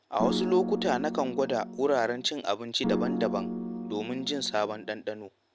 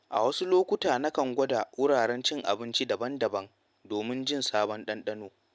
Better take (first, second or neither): second